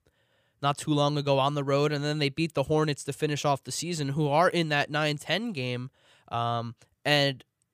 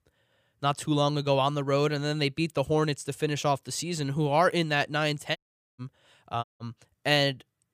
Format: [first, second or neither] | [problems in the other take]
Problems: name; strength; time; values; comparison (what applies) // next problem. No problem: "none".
first | audio cutting out; at 5.5 s and at 6.5 s